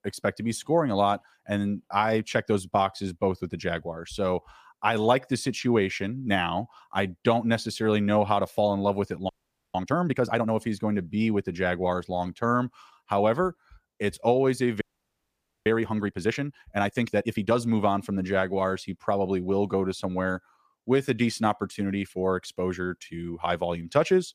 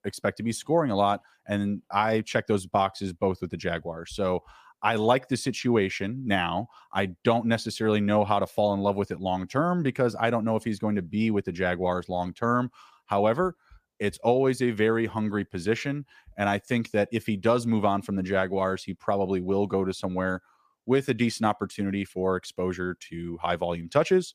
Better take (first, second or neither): second